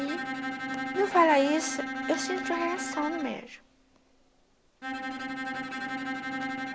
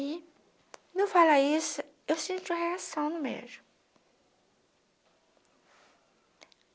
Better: second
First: background sound (Bowed string instrument); 4 dB below the speech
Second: none

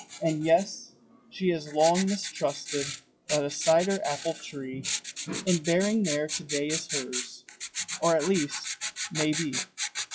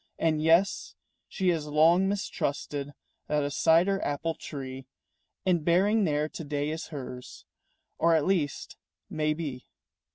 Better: second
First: noise reduction (classical method log-MMSE)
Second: none

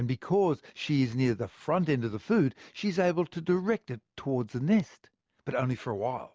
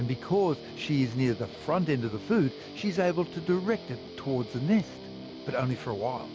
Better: first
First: none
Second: background sound (Guitar); 13 dB below the speech

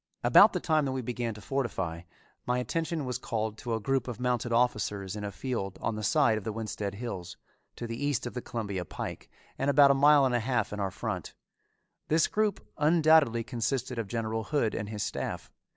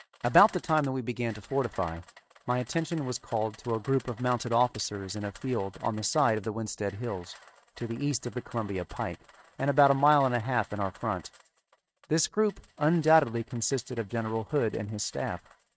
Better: first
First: none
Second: noise reduction (neural mask model RNNoise)

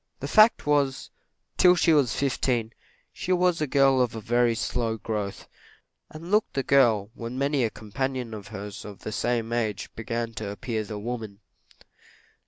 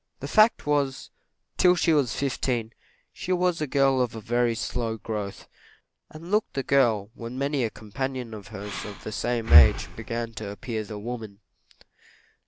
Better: first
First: none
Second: background sound (Breathing); 3 dB above the speech

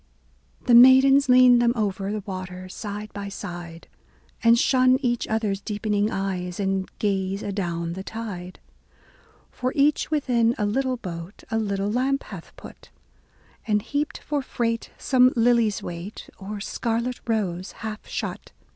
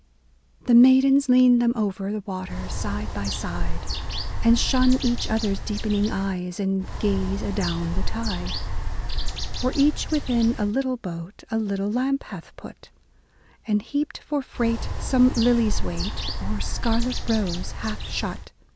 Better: first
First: none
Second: background sound (Bird); 1 dB below the speech

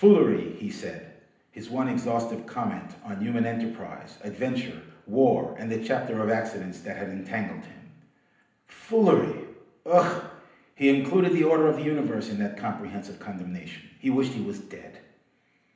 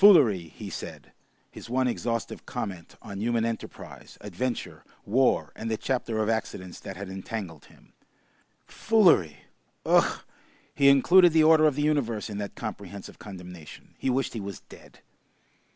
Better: second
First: room echo; dies away in 0.8 s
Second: none

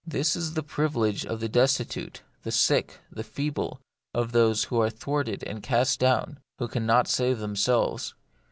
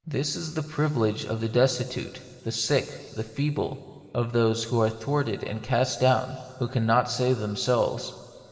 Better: first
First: none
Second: room echo; dies away in 2.5 s

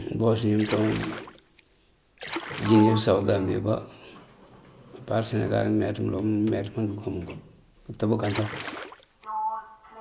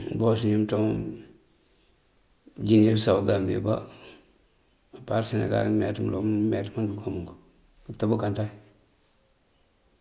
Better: second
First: background sound (Splash, splatter + Sliding door); 11 dB below the speech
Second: none

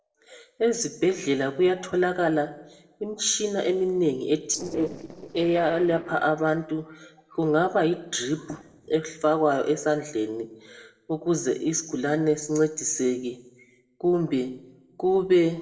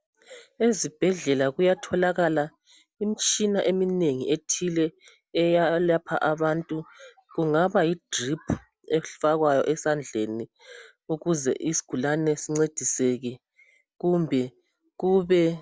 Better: second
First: noise reduction (neural separator model SepFormer DNS4)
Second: none

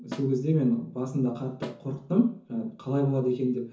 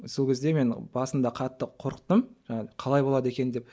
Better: second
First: background sound (Snare drum); 18 dB below the speech // room echo; dies away in 0.6 s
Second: none

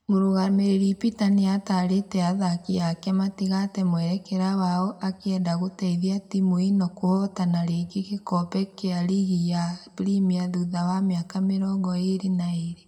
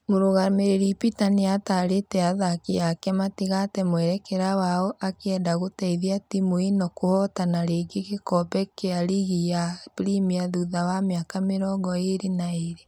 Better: second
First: room echo; dies away in 0.9 s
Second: none

